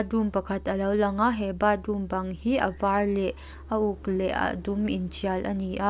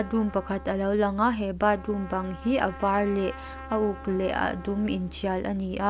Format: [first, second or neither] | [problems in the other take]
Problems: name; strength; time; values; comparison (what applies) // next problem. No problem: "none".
first | background sound (Trumpet); 18 dB below the speech